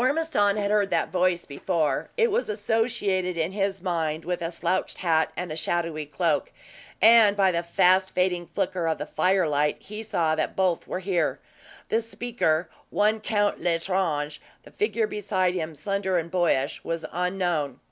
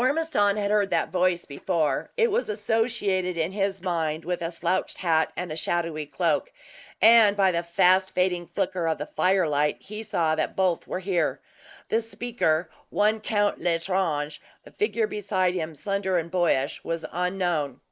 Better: first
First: none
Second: noise reduction (neural mask model Resemble Enhance denoiser)

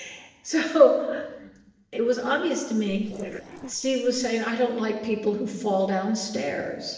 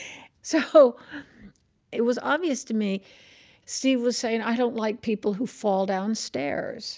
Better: second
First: noise reduction (neural separator model SepFormer DNS4)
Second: none

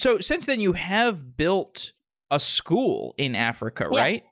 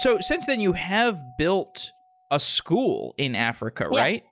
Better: first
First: none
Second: background sound (Keyboard (musical)); 19 dB below the speech

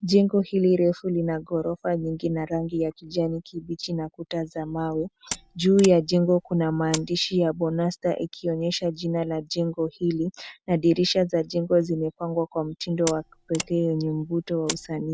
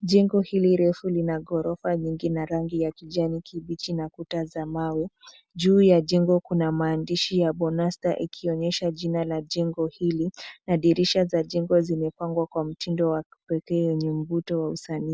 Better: second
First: background sound (Mechanisms); 13 dB below the speech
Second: none

